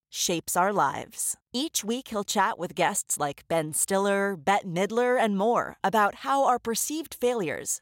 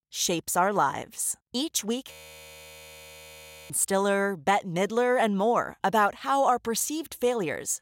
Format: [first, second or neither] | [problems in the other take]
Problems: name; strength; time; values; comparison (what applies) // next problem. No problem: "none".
first | audio freezing; at 2 s for 1.5 s